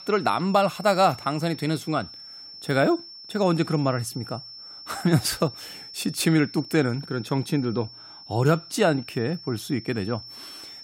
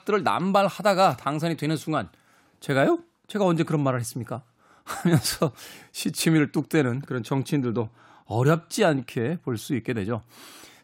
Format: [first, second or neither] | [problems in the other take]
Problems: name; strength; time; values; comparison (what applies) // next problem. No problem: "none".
second | high-pitched whine; noticeable; throughout; 5.5 kHz, 15 dB below the speech